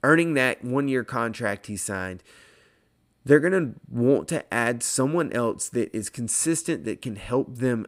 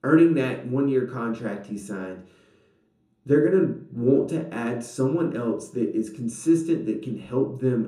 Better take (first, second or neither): first